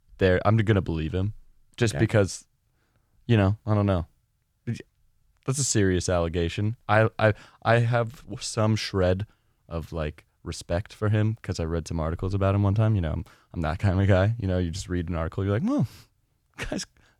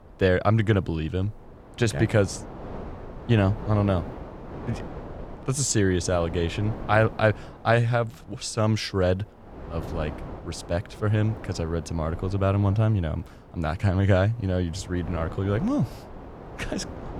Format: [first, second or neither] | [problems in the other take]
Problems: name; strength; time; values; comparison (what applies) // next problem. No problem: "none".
first | wind noise on the microphone; occasional gusts; 15 dB below the speech